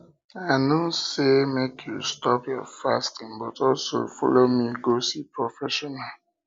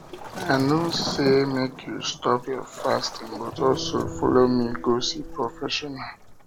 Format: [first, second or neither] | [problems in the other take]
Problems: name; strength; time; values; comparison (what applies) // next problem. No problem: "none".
first | background sound (Electric guitar + Waves, surf); 10 dB below the speech